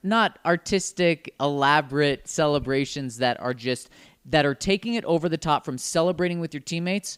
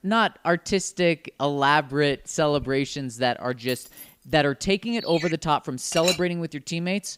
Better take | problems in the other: first | jangling keys; faint; at 3.5 s; peak 15 dB below the speech // phone ringing; noticeable; at 5 s; peak 8 dB below the speech // clattering dishes; noticeable; at 6 s; peak 2 dB below the speech

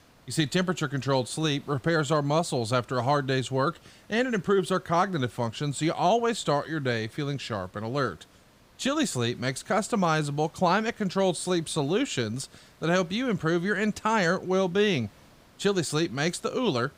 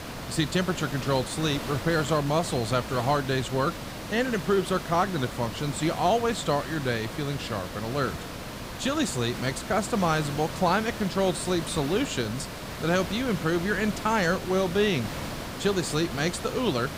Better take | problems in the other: first | hiss; loud; throughout; 9 dB below the speech; faint in the first

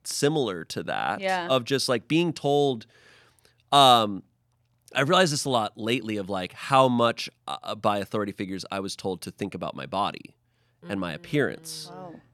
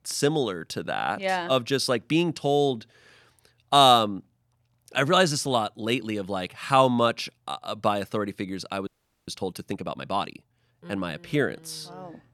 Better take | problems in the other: first | audio freezing; at 9 s

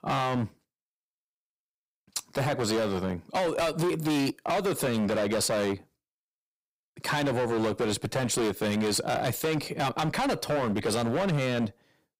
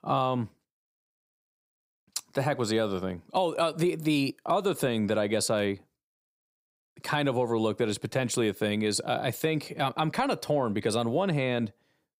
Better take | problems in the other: second | distortion; heavy; 19% of the sound clipped

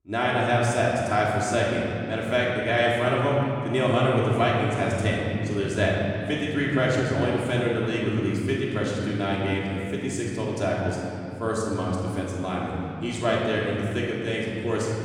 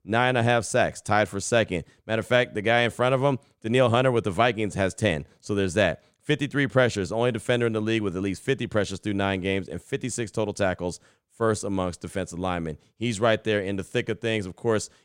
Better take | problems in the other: second | off-mic speech; far // room echo; noticeable; dies away in 2.8 s

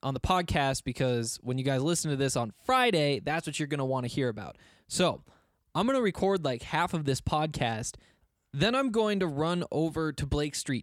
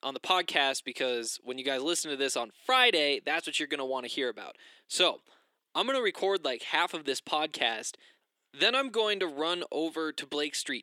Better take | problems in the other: first | thin; somewhat; fading below 350 Hz

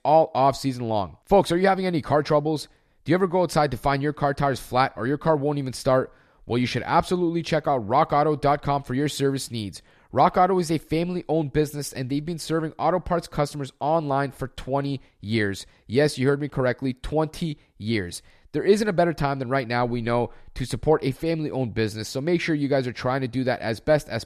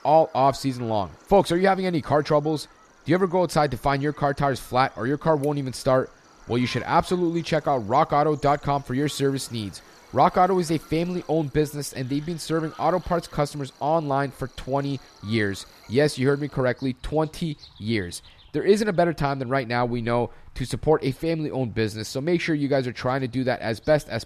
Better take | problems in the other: first | animal sounds; faint; throughout; 25 dB below the speech

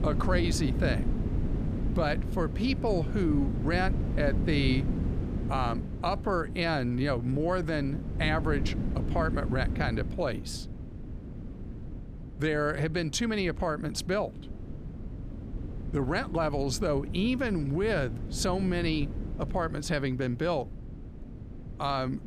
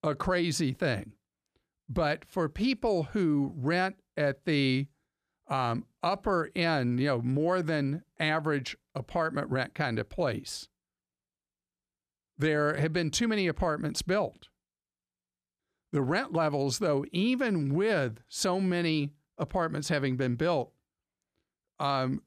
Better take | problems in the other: second | wind noise on the microphone; occasional gusts; 15 dB below the speech

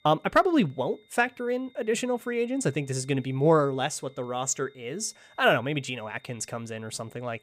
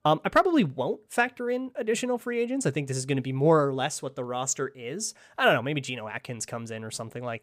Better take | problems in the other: second | high-pitched whine; faint; throughout; 3.5 kHz, 30 dB below the speech

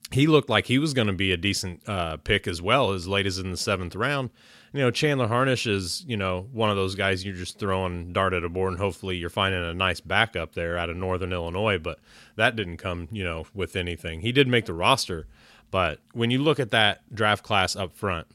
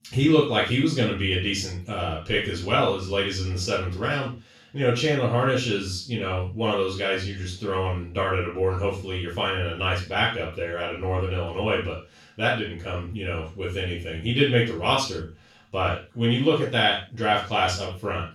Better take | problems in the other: first | room echo; noticeable; dies away in 0.3 s // off-mic speech; far

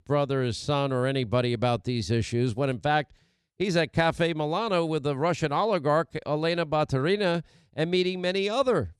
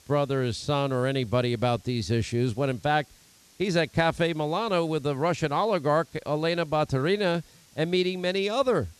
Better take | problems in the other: first | hiss; faint; throughout; 30 dB below the speech

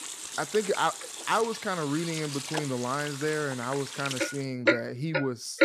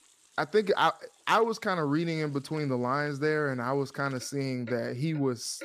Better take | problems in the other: second | household noises; loud; throughout; 3 dB below the speech; faint in the second

